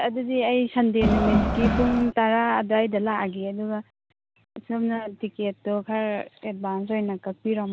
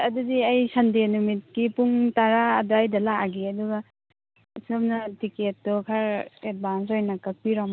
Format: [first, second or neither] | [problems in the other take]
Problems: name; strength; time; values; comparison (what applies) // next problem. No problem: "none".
second | background sound (Crowd); 3 dB above the speech